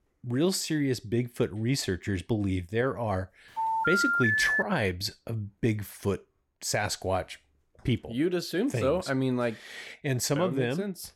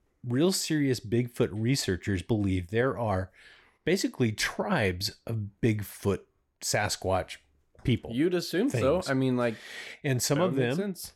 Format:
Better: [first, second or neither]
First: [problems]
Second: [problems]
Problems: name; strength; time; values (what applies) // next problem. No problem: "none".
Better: second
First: phone ringing; loud; from 3.5 to 4.5 s; peak 6 dB above the speech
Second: none